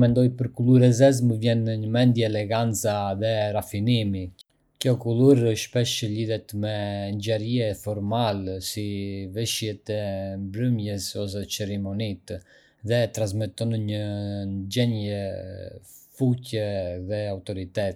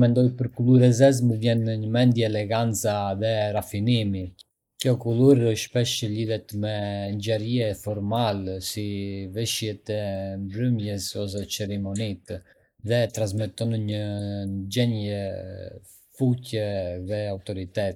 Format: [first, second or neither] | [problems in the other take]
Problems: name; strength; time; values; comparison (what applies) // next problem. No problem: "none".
first | noise reduction (neural mask model Resemble Enhance denoiser)